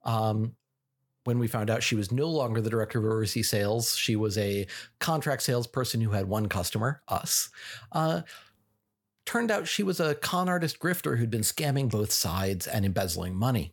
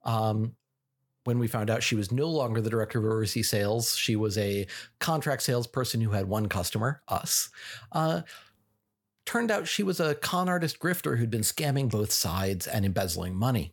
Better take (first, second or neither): neither